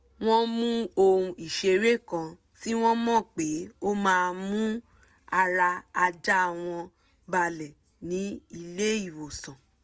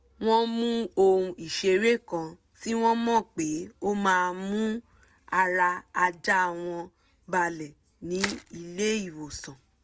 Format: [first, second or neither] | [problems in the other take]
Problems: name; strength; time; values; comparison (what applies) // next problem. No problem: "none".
first | background sound (Crushing); 12 dB below the speech